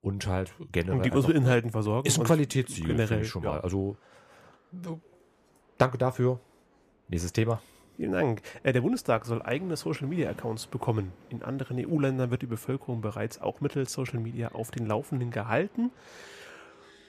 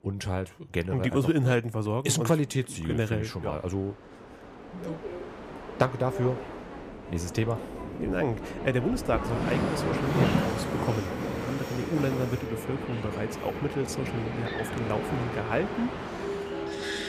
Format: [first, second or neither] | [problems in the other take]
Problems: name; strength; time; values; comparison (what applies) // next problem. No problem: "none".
first | train or aircraft noise; loud; throughout; 3 dB below the speech; faint in the first